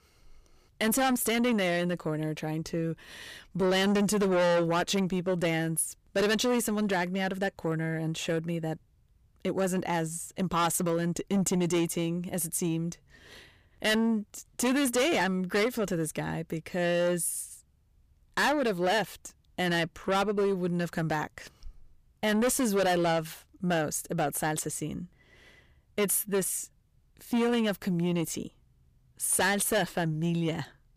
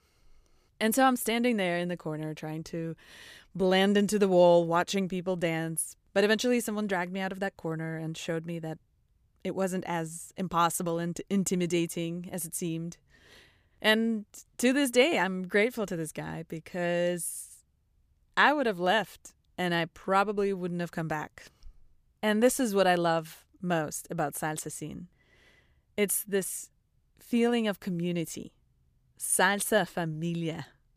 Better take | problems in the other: second | distortion; heavy; 7 dB below the speech

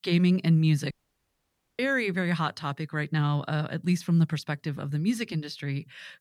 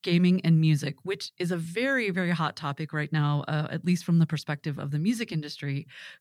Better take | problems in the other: second | audio cutting out; at 1 s for 1 s

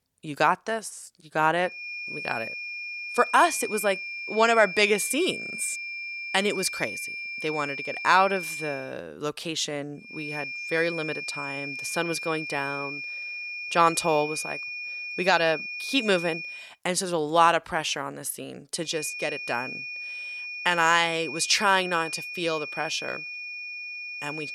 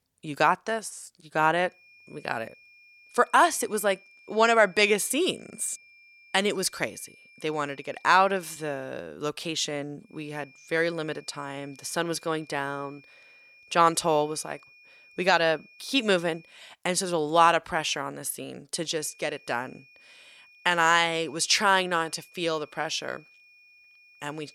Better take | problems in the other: second | high-pitched whine; loud; from 1.5 to 9 s, from 10 to 17 s and from 19 s on; 2.5 kHz, 7 dB below the speech; faint in the second

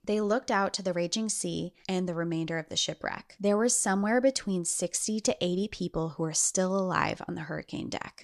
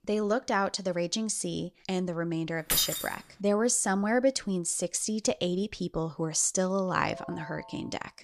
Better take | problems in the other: first | jangling keys; loud; at 2.5 s; peak 2 dB above the speech // phone ringing; faint; from 7 s on; peak 15 dB below the speech

